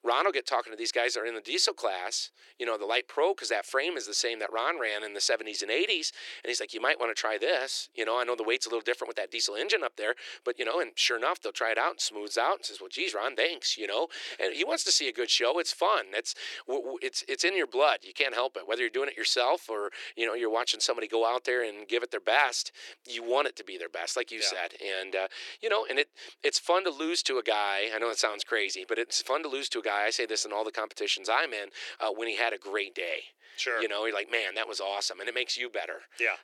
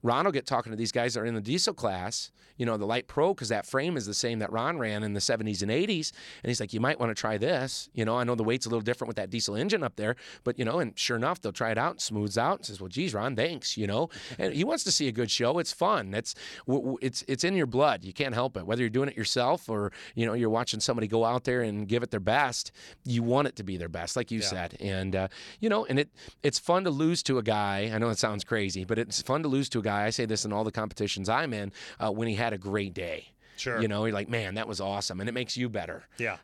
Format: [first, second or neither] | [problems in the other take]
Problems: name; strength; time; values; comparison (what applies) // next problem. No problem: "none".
second | thin; very; fading below 350 Hz